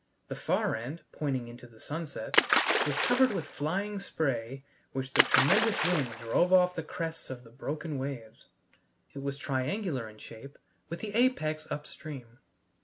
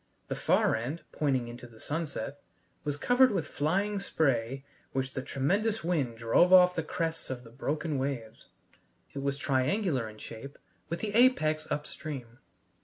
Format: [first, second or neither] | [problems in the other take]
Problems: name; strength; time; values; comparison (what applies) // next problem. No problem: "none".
second | background sound (Splash, splatter); as loud as the speech